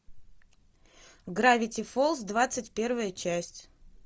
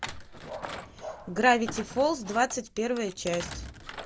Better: first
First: none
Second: background sound (Dog + Thump, thud); 12 dB below the speech

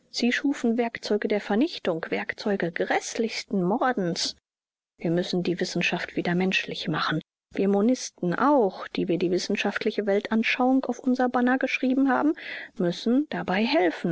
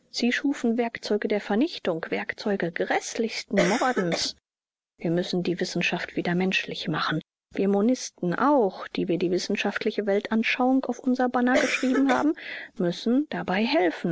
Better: first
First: none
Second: background sound (Cough); 3 dB below the speech

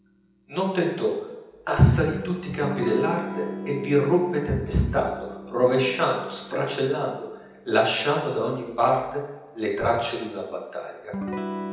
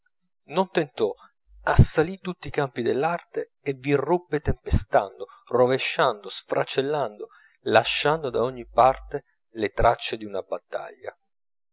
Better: second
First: background sound (Electric guitar / Strum); 13 dB below the speech // room echo; dies away in 0.9 s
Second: none

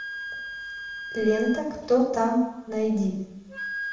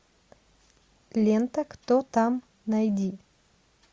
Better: second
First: background sound (Wind instrument, woodwind instrument); 11 dB below the speech // room echo; dies away in 0.8 s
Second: none

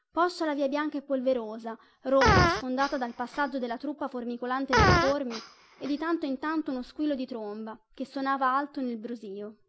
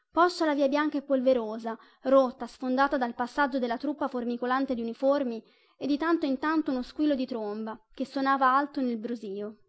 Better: second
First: background sound (Fart); 2 dB above the speech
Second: none

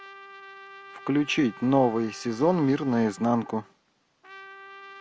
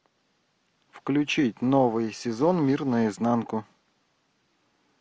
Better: second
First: background sound (Trumpet); 20 dB below the speech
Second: none

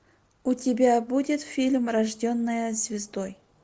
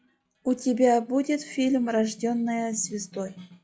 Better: first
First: none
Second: noise reduction (classical method log-MMSE)

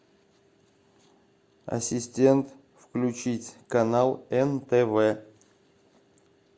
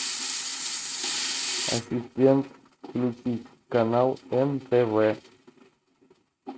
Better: first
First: none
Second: noise reduction (neural mask model RNNoise)

